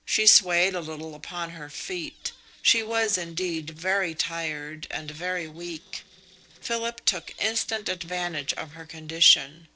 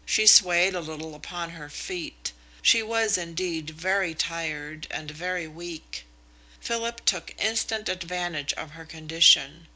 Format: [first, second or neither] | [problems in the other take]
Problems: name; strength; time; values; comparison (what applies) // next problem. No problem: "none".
second | noise reduction (neural separator model SepFormer DNS4)